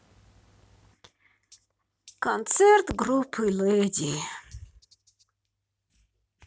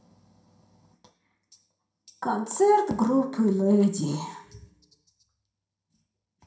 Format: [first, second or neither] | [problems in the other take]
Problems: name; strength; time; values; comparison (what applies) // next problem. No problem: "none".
first | room echo; dies away in 0.5 s